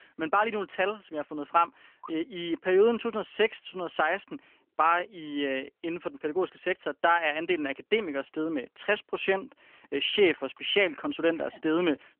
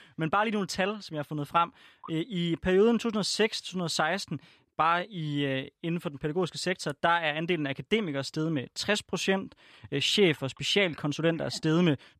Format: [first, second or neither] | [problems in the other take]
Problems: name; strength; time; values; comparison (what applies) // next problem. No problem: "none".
second | phone-call audio; nothing above 3 kHz